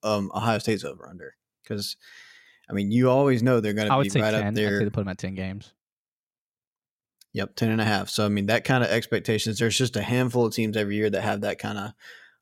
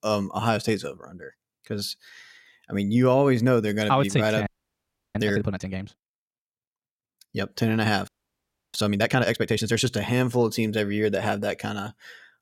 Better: first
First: none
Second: audio freezing; at 4.5 s for 0.5 s and at 8 s for 0.5 s

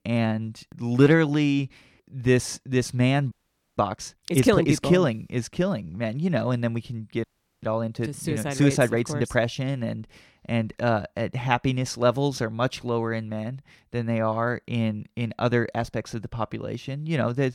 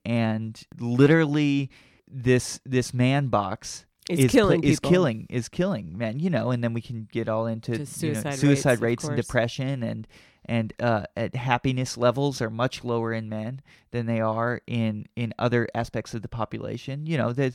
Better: second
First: audio freezing; at 3.5 s and at 7 s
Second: none

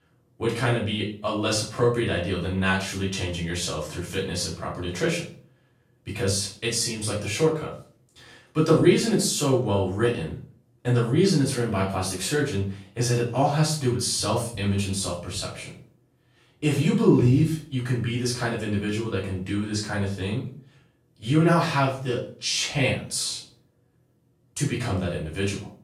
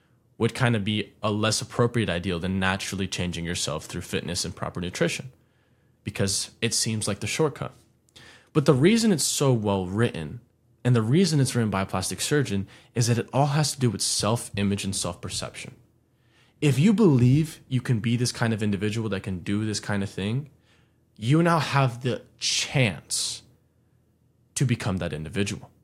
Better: second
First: off-mic speech; far // room echo; slight; dies away in 0.4 s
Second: none

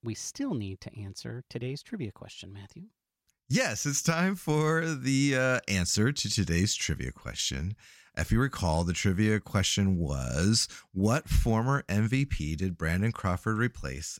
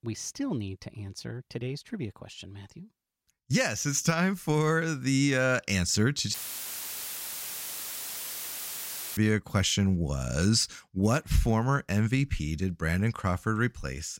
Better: first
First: none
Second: audio cutting out; filled with static; at 6.5 s for 3 s

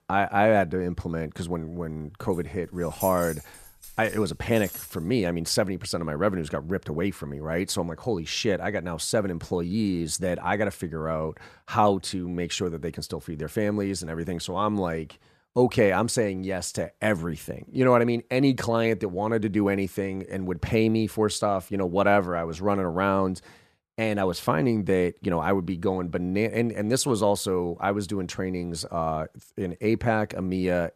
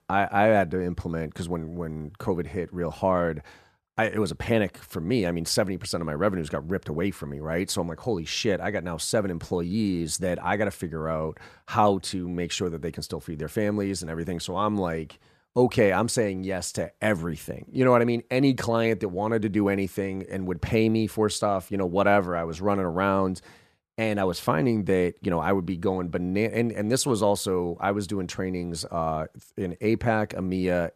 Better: second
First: jangling keys; noticeable; from 2 to 5 s; peak 8 dB below the speech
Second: none

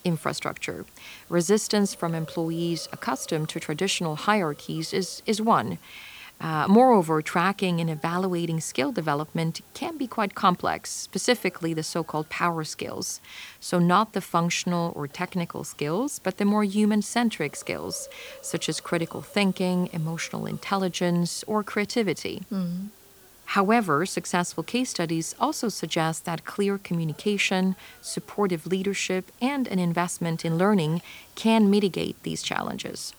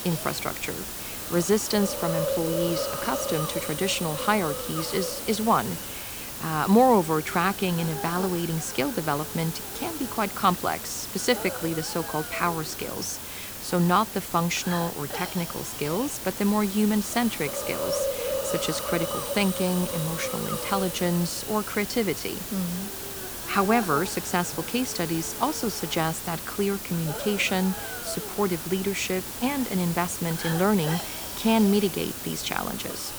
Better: first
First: hiss; faint; throughout; 25 dB below the speech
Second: hiss; loud; throughout; 4 dB below the speech

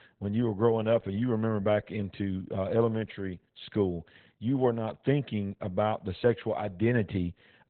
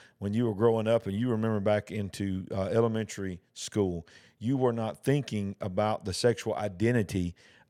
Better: second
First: garbled, watery; badly; nothing above 4 kHz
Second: none

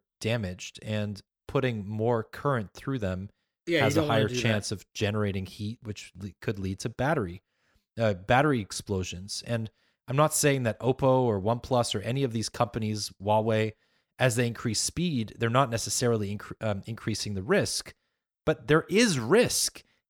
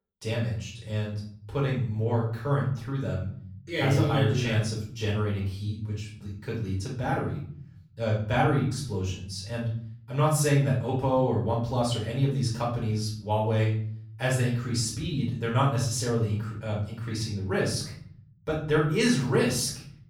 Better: first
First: none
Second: off-mic speech; far // room echo; noticeable; dies away in 0.8 s

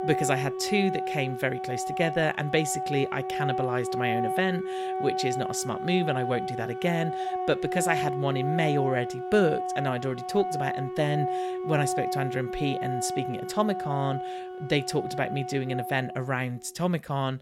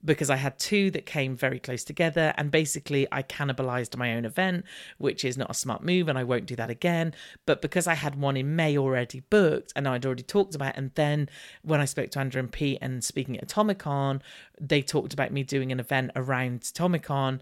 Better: second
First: background music; loud; throughout; 3 dB below the speech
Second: none

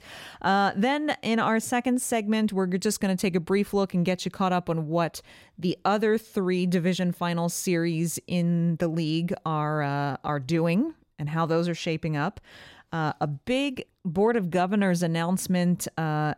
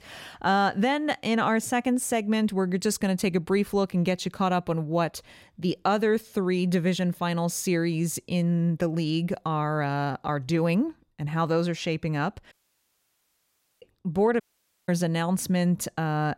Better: first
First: none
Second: audio cutting out; at 13 s for 1.5 s and at 14 s

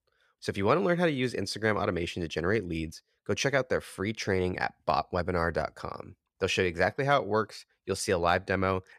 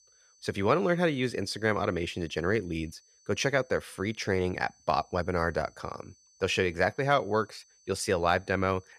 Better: first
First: none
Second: high-pitched whine; faint; throughout; 6 kHz, 30 dB below the speech

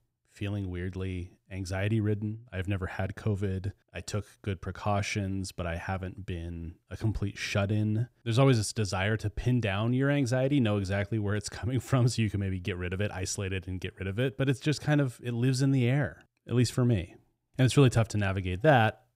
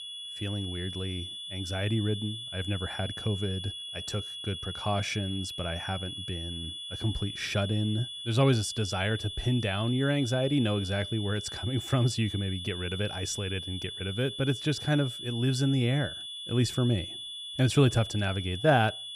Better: first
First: none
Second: high-pitched whine; loud; throughout; 3.5 kHz, 7 dB below the speech

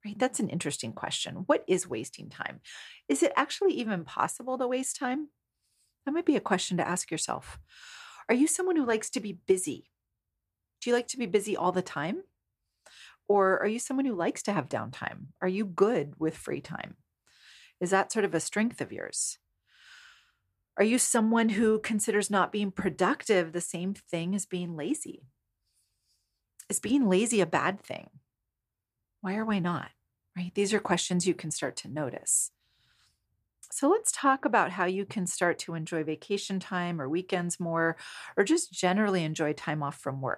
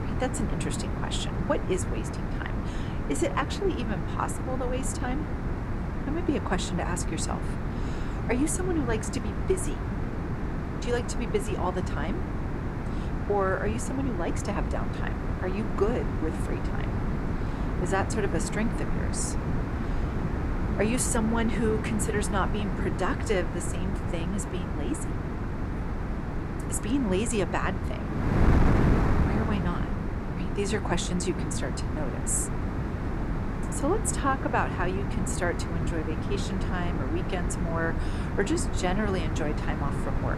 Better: first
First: none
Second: wind noise on the microphone; heavy; 4 dB below the speech

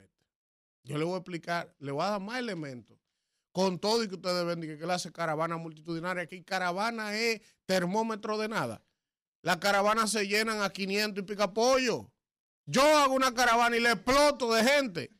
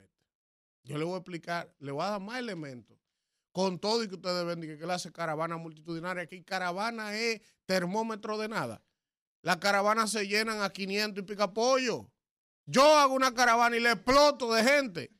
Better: second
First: distortion; slight; 4% of the sound clipped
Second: none

